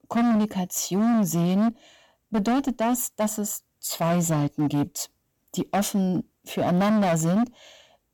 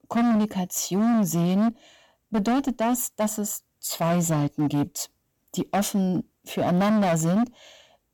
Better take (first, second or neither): neither